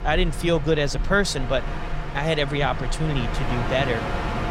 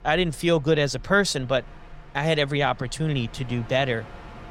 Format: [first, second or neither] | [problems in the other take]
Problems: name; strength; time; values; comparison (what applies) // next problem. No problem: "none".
second | train or aircraft noise; loud; throughout; 6 dB below the speech; faint in the second